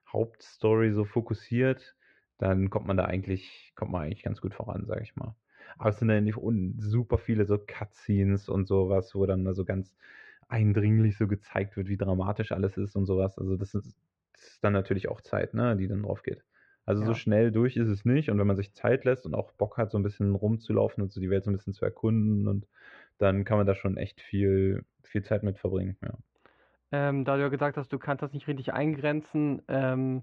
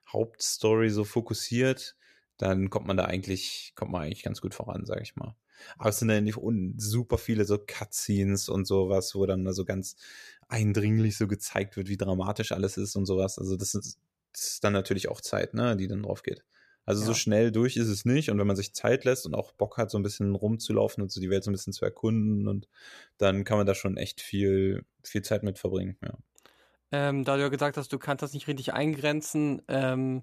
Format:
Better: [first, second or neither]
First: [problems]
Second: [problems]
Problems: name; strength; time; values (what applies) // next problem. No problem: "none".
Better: second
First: muffled; very; fading above 2.5 kHz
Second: none